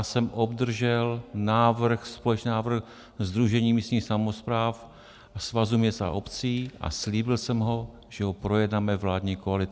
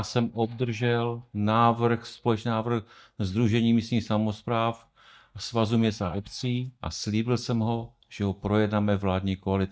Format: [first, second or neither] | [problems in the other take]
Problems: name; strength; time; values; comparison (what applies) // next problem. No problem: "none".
first | noise reduction (neural mask model DeepFilterNet 3)